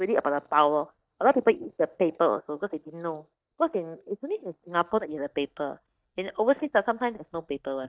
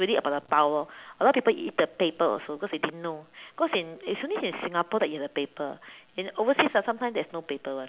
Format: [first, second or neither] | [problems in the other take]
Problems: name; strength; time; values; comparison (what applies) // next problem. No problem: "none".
second | noise reduction (neural mask model DeepFilterNet 3)